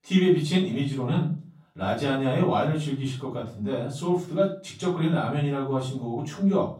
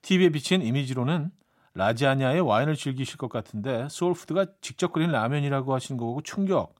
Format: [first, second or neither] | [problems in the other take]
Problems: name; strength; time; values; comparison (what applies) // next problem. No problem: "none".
second | room echo; slight; dies away in 0.3 s // off-mic speech; far